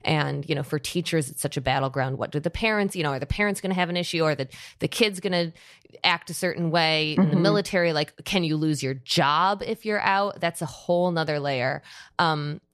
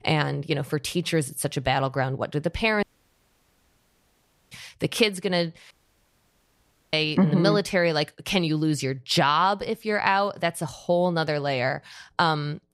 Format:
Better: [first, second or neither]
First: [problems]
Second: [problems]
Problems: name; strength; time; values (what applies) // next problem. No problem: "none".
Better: first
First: none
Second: audio cutting out; at 3 s for 1.5 s and at 5.5 s for 1 s